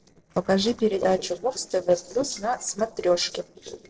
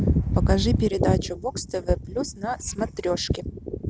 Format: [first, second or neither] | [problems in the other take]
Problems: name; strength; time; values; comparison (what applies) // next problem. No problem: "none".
second | noise reduction (neural separator model SepFormer DNS4)